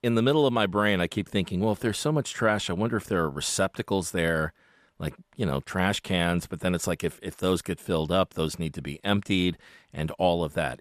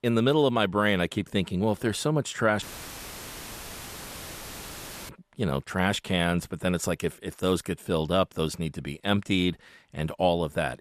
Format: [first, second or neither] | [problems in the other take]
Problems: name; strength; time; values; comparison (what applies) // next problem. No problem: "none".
first | audio cutting out; filled with static; at 2.5 s for 2.5 s